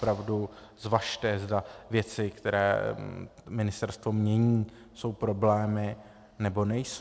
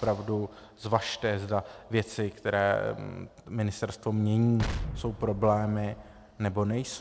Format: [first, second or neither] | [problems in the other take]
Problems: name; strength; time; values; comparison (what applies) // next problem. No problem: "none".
first | background sound (Explosion); 8 dB below the speech